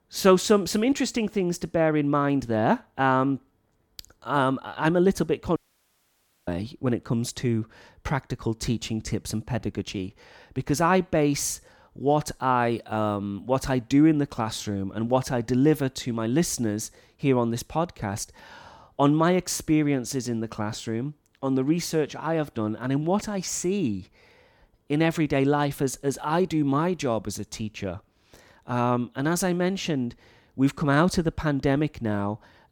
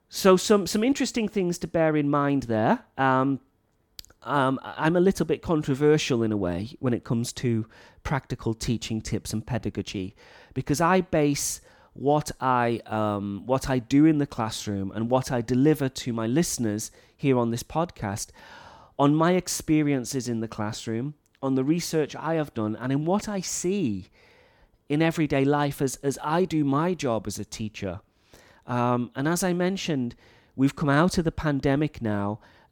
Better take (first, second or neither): second